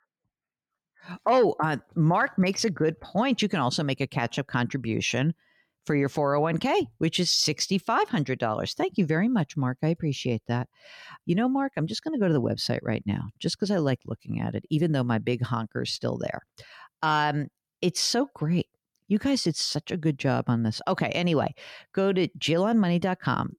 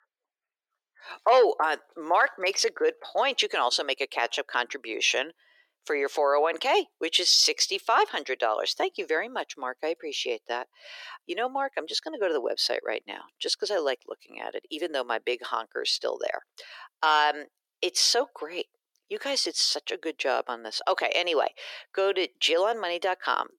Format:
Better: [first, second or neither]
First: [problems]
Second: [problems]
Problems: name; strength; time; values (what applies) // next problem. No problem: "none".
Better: first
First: none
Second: thin; very; fading below 400 Hz